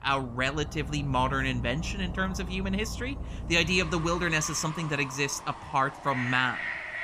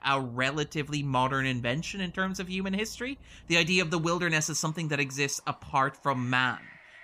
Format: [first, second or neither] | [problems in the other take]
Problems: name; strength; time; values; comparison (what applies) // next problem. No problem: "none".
second | animal sounds; loud; throughout; 9 dB below the speech; faint in the second